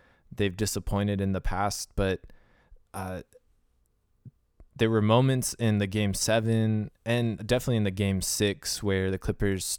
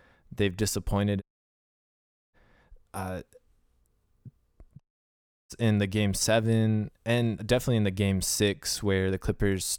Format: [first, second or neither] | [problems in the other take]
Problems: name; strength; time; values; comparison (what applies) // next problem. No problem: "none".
first | audio cutting out; at 1 s for 1 s and at 5 s for 0.5 s